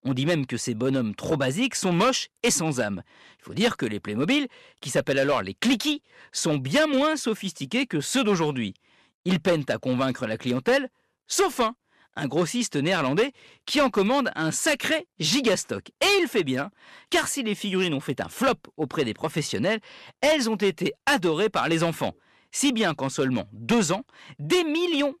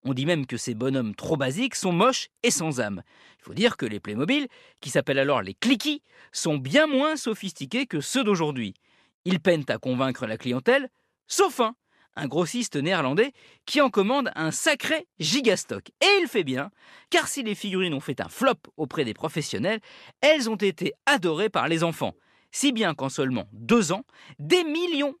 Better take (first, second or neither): second